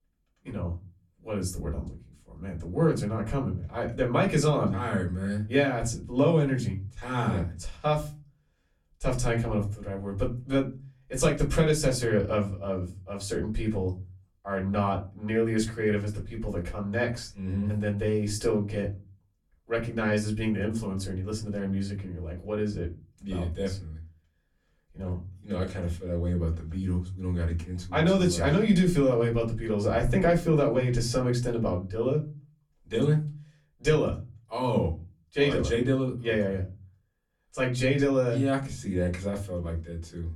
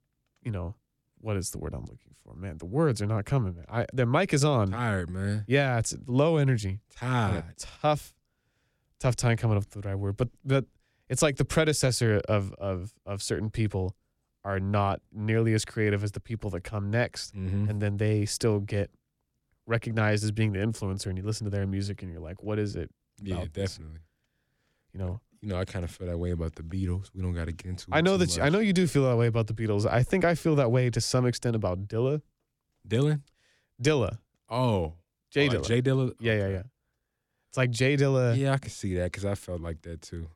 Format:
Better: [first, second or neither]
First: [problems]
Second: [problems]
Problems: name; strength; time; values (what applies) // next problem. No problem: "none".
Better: second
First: off-mic speech; far // room echo; very slight; dies away in 0.3 s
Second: none